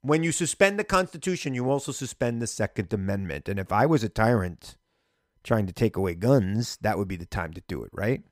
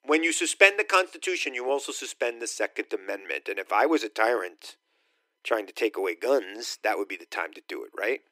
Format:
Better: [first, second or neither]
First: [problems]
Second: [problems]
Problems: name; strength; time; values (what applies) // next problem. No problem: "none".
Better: first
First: none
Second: thin; very; fading below 300 Hz